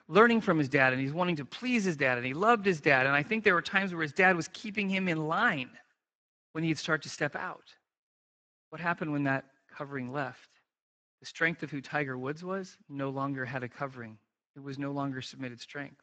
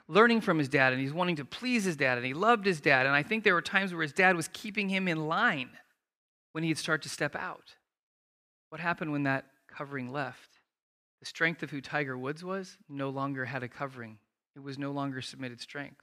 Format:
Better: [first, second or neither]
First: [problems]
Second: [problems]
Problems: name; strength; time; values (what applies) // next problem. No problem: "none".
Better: second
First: garbled, watery; badly; nothing above 7.5 kHz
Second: none